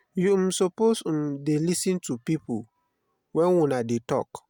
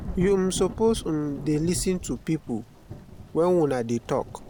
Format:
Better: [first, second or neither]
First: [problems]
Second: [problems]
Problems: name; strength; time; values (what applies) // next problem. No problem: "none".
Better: first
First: none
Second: background sound (Thunder / Rain); 12 dB below the speech